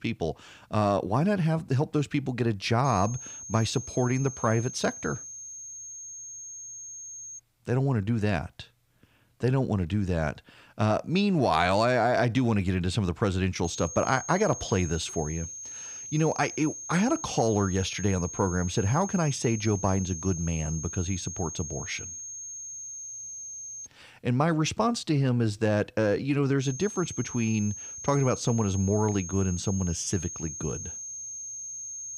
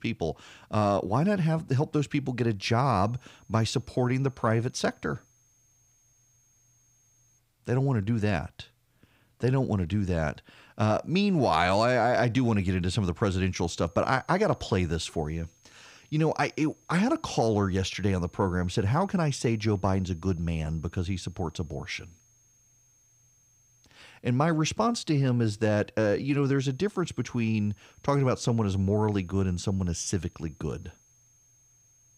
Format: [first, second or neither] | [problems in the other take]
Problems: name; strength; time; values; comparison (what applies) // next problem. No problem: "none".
second | high-pitched whine; loud; from 3 to 7.5 s, from 14 to 24 s and from 27 s on; 6.5 kHz, 9 dB below the speech; faint in the second